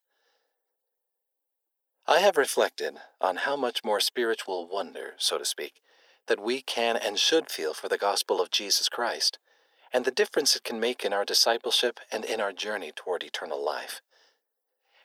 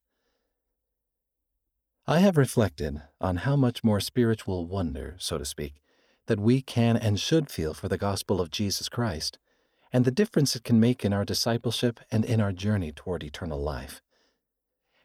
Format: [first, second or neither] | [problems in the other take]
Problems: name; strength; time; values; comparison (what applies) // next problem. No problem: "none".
second | thin; very; fading below 400 Hz